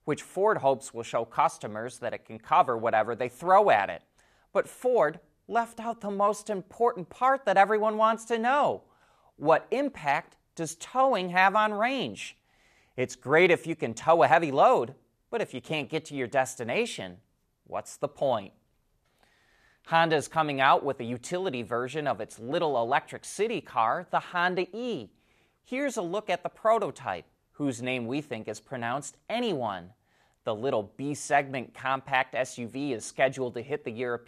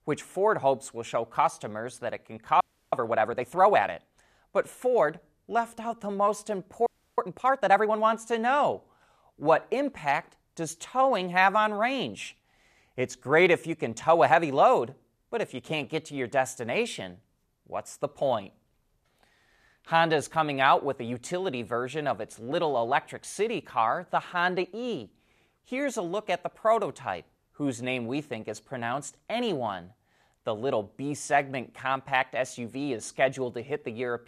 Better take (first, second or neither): first